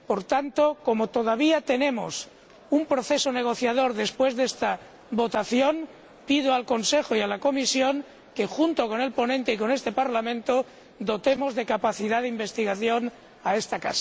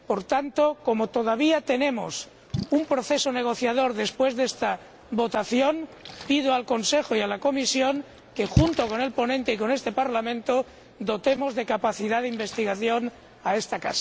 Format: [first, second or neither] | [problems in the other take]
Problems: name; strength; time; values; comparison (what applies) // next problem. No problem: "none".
first | background sound (Splash, splatter); 13 dB below the speech